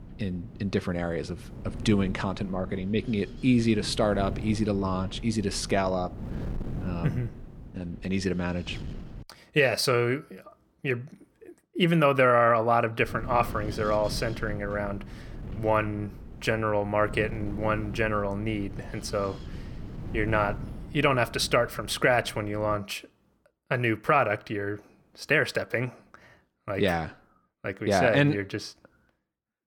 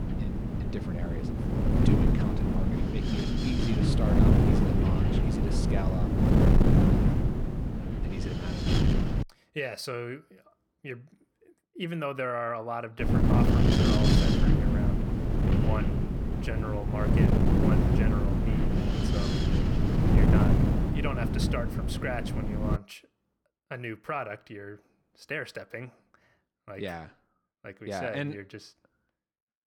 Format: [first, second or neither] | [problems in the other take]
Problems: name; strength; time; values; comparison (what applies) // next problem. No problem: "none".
first | wind noise on the microphone; heavy; until 9 s and from 13 to 23 s; 4 dB above the speech; occasional gusts in the first